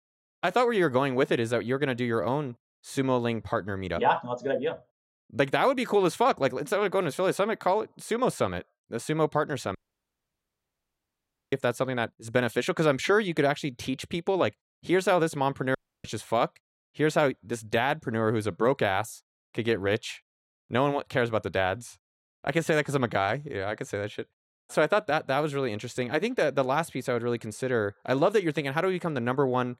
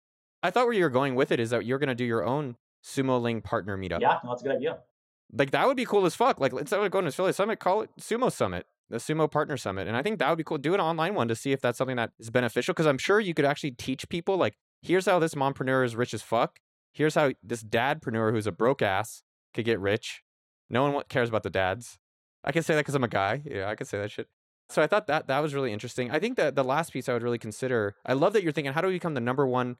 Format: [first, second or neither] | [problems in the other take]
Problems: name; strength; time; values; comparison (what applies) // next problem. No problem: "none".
second | audio cutting out; at 10 s for 2 s and at 16 s